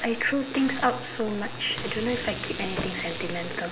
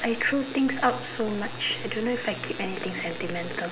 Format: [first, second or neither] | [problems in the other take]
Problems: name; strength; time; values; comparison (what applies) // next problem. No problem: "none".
second | background sound (Packing tape, duct tape + Sliding door); 11 dB below the speech